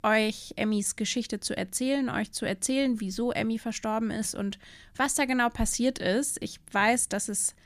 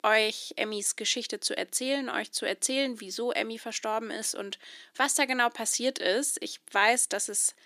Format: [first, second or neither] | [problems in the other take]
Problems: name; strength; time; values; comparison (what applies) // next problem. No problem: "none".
first | thin; somewhat; fading below 350 Hz